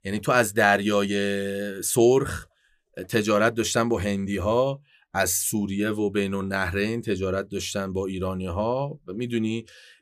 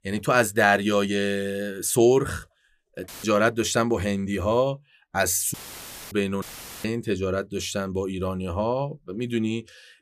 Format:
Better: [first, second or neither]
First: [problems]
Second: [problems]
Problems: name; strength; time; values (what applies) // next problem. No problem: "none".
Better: first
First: none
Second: audio cutting out; filled with static; at 3 s, at 5.5 s for 0.5 s and at 6.5 s